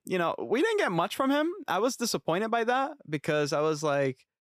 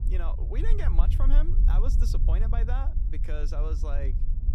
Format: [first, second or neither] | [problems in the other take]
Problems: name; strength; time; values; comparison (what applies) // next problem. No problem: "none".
first | low rumble; loud; throughout; 7 dB below the speech